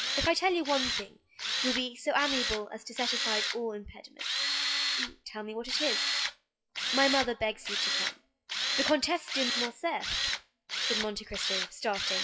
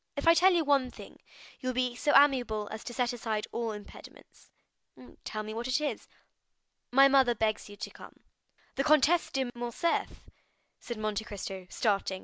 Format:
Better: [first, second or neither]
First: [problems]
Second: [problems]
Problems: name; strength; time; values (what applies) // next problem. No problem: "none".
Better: second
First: noise reduction (classical method WPE with log-MMSE)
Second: none